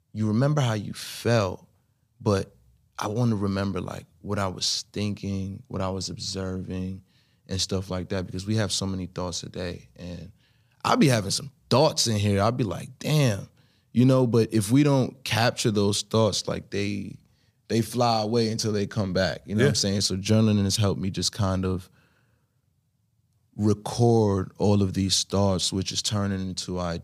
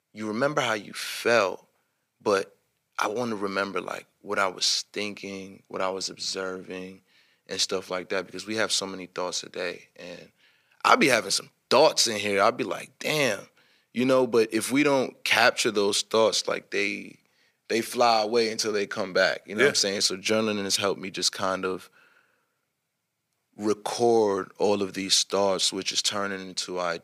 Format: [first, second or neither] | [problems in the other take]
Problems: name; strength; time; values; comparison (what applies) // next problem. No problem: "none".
first | thin; somewhat; fading below 400 Hz